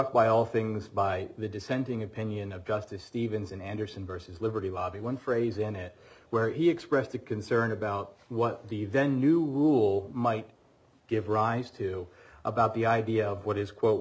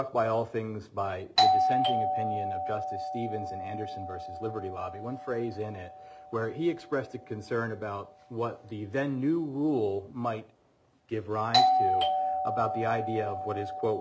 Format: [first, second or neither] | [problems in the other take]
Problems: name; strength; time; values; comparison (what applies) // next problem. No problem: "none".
first | background sound (Doorbell); 1 dB above the speech